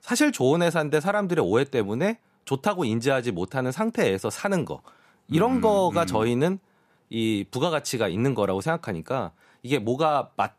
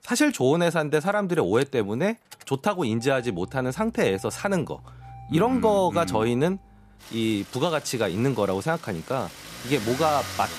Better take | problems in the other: first | traffic noise; noticeable; throughout; 15 dB below the speech

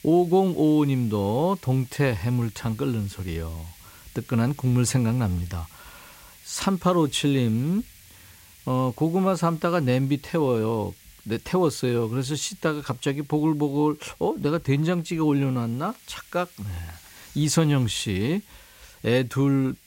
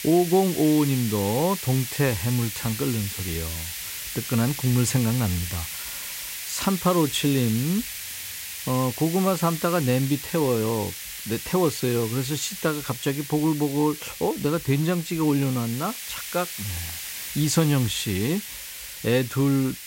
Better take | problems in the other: first | hiss; loud; throughout; 7 dB below the speech; faint in the first

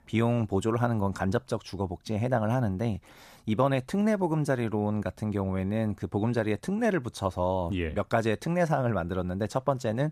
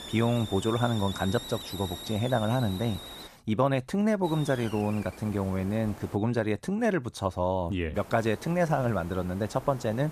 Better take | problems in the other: first | hiss; noticeable; until 3.5 s, from 4.5 to 6 s and from 8 s on; 15 dB below the speech

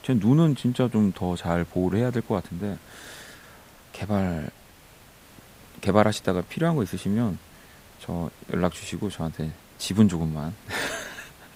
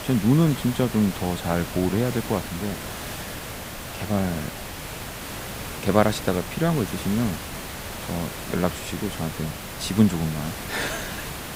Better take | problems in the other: first | hiss; loud; throughout; 8 dB below the speech; faint in the first

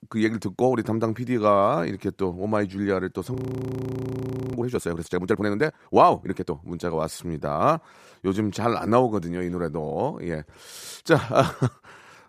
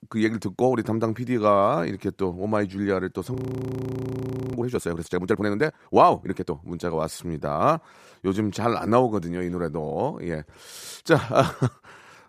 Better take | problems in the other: neither | audio freezing; at 3.5 s for 1 s; the same in both

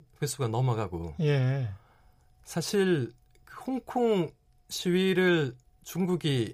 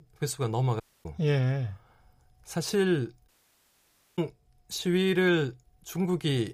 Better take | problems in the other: first | audio cutting out; at 1 s and at 3.5 s for 1 s

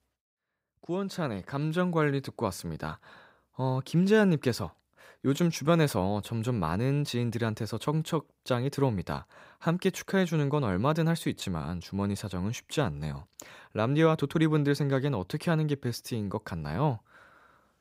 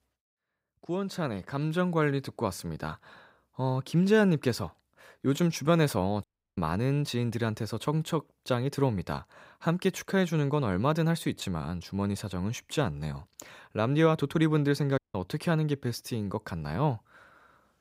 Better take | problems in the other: first | audio cutting out; at 6 s and at 15 s

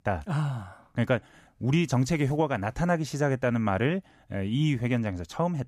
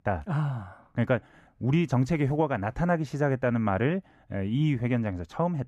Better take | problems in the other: first | muffled; slightly; fading above 3 kHz

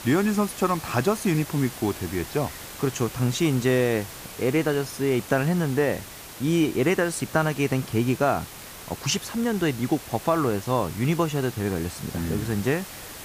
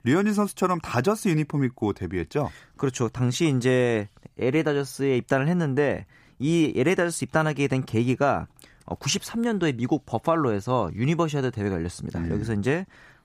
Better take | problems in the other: second | hiss; noticeable; throughout; 15 dB below the speech

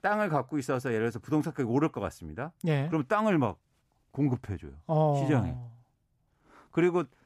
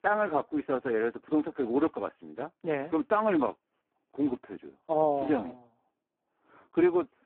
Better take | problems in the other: first | phone-call audio; poor line

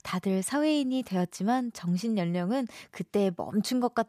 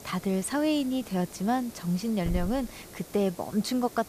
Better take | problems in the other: first | hiss; noticeable; throughout; 15 dB below the speech

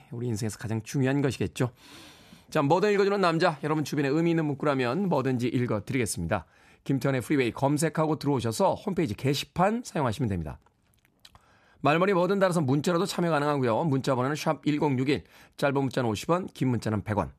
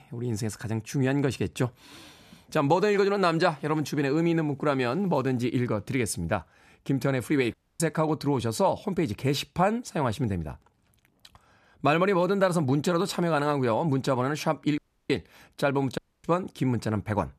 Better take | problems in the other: first | audio cutting out; at 7.5 s, at 15 s and at 16 s

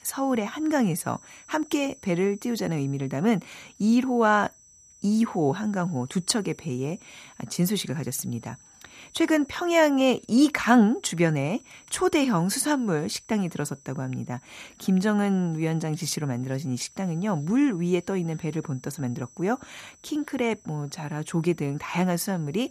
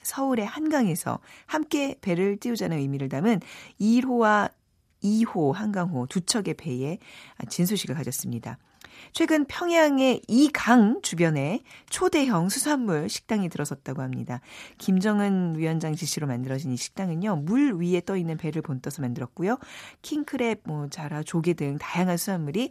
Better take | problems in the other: second | high-pitched whine; faint; throughout; 6 kHz, 25 dB below the speech

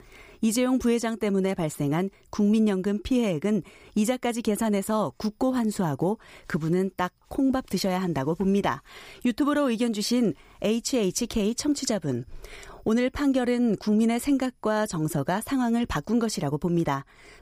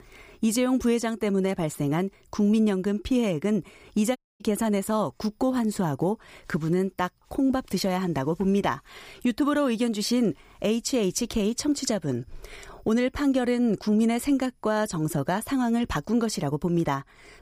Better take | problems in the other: first | audio cutting out; at 4 s

